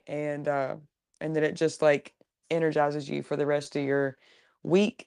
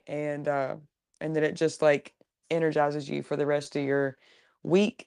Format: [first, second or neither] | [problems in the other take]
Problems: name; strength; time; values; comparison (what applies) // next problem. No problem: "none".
neither | none